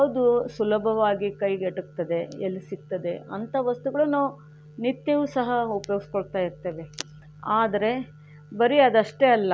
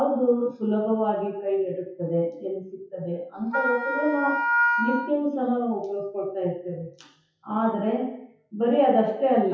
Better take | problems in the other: first | noise reduction (classical method WPE with log-MMSE)

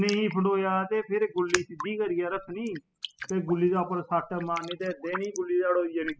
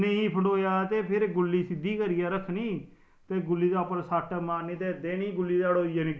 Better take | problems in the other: second | noise reduction (classical method spectral subtraction)

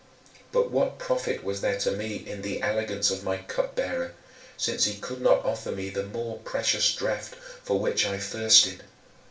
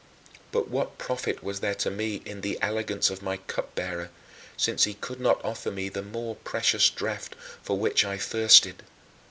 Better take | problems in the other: second | room echo; dies away in 0.3 s

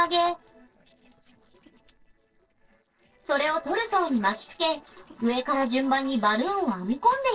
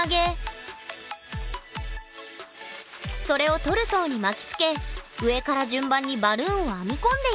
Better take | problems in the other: second | noise reduction (neural separator model SepFormer DNS4)

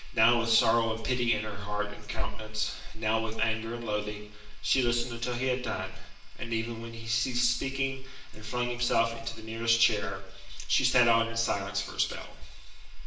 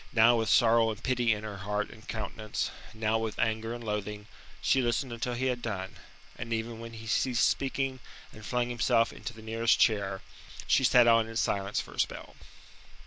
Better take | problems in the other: second | room echo; dies away in 0.7 s

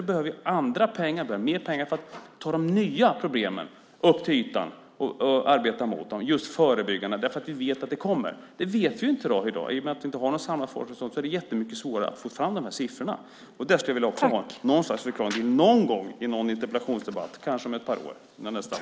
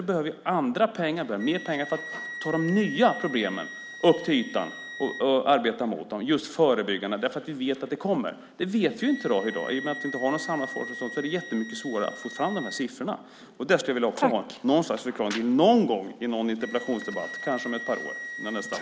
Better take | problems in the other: first | background sound (Wind instrument, woodwind instrument); 14 dB below the speech

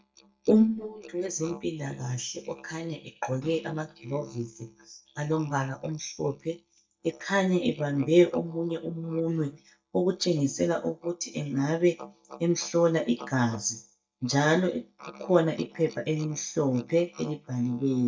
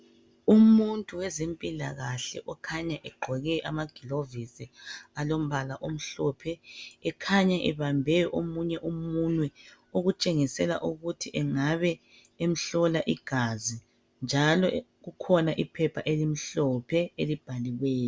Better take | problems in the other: second | noise reduction (neural mask model DeepFilterNet 3)

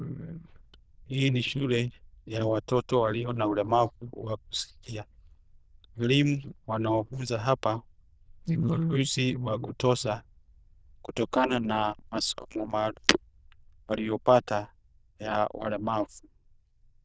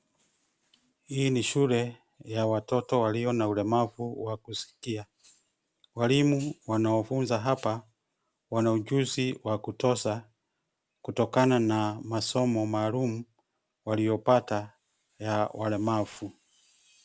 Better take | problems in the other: second | noise reduction (neural diffusion model UNIVERSE++)

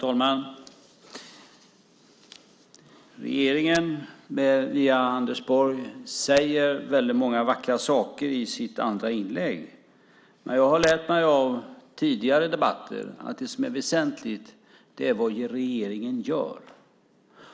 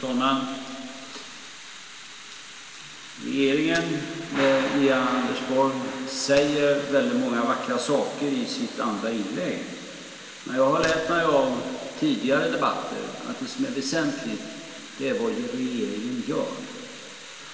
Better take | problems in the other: first | background sound (Thunder / Rain); 13 dB below the speech // room echo; dies away in 2.6 s

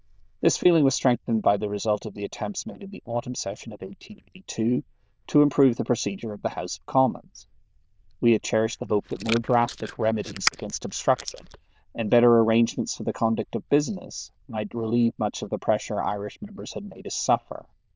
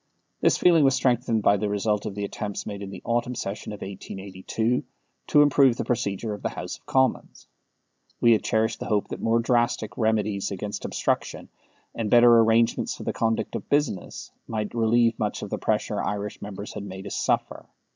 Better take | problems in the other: second | noise reduction (neural diffusion model UNIVERSE++)

